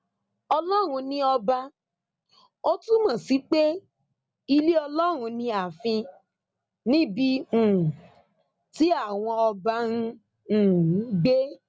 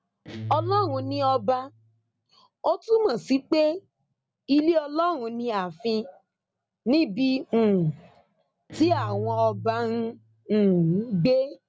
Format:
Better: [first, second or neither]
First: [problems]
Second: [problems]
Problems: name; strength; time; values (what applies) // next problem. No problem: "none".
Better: first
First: none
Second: background sound (Guitar); 12 dB below the speech